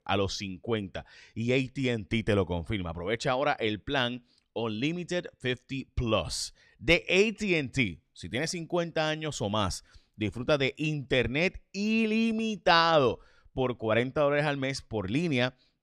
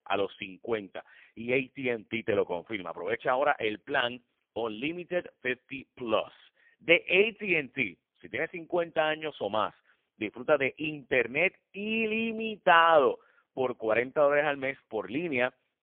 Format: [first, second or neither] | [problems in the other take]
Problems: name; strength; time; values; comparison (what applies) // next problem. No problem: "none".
first | phone-call audio; poor line